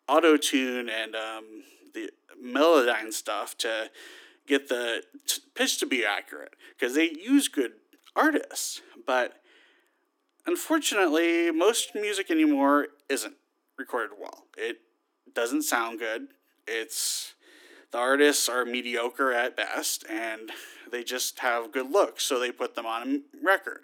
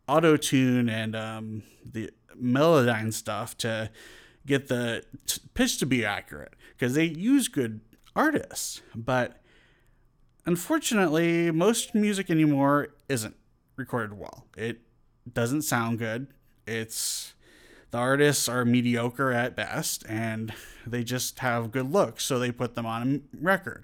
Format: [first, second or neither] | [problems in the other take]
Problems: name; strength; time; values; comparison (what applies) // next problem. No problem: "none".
second | thin; very slightly; fading below 300 Hz